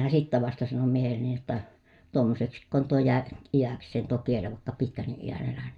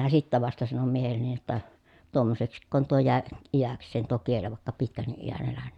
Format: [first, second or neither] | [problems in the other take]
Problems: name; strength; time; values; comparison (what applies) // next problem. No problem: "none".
second | room echo; dies away in 0.2 s